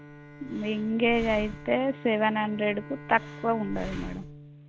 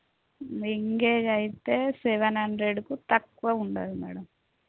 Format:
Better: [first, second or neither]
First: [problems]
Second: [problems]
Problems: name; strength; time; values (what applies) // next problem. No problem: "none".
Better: second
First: background sound (Breathing + Bowed string instrument); 13 dB below the speech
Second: none